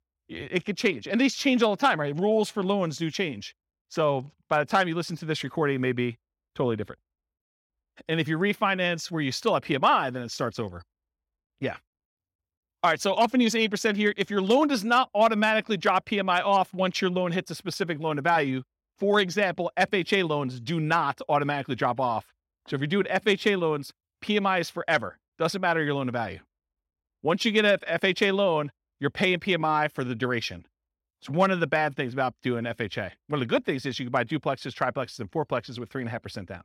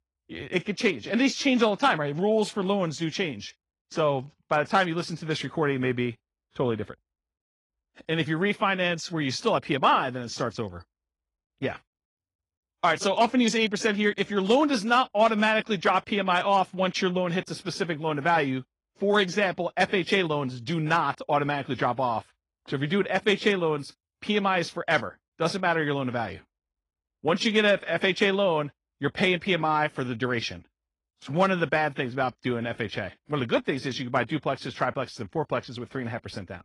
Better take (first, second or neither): first